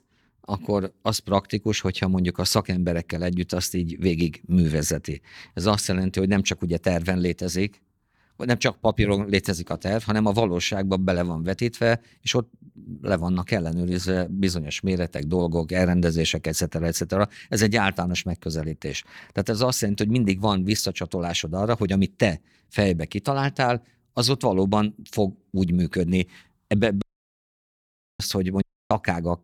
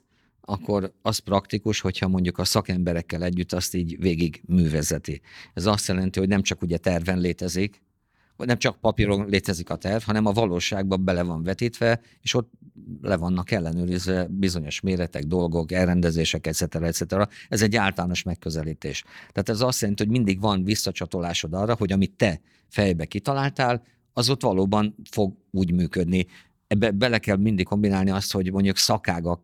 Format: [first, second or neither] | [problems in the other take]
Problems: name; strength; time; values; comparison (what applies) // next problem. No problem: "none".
second | audio cutting out; at 27 s for 1 s and at 29 s